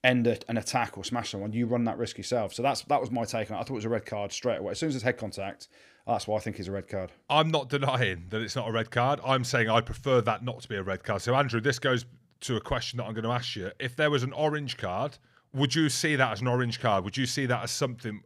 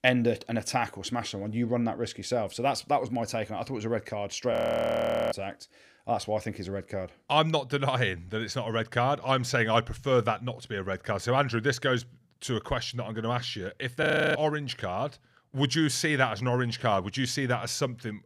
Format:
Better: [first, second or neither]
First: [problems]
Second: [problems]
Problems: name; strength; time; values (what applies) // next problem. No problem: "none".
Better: first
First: none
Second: audio freezing; at 4.5 s for 1 s and at 14 s